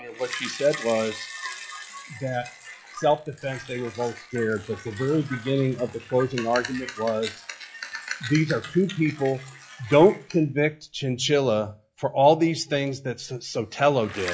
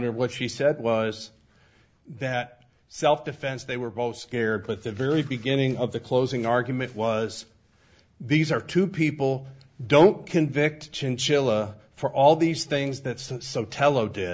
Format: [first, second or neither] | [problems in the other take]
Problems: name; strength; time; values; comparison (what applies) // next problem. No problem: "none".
second | noise reduction (classical method log-MMSE)